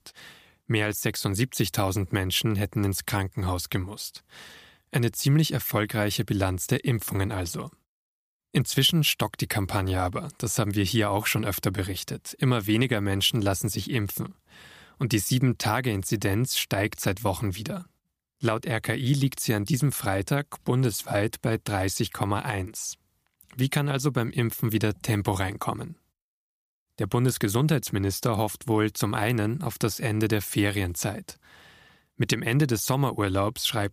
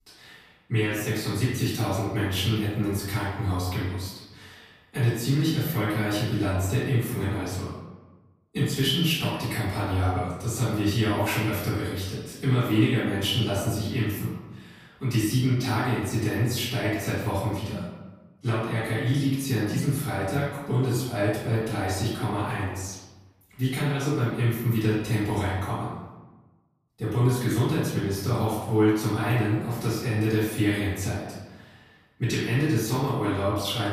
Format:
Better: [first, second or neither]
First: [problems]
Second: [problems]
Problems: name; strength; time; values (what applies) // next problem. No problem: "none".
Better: first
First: none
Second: off-mic speech; far // room echo; noticeable; dies away in 1 s